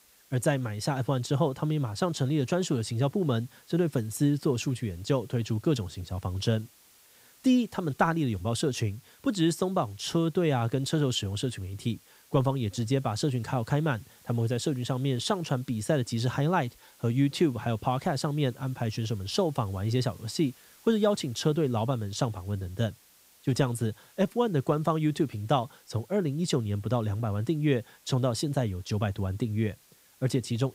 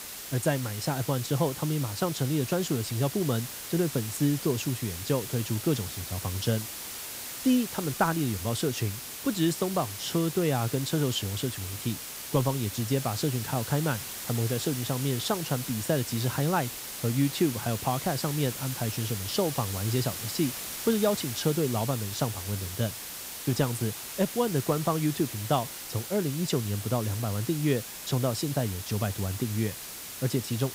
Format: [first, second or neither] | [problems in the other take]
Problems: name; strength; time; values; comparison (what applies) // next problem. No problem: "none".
first | hiss; loud; throughout; 6 dB below the speech; faint in the first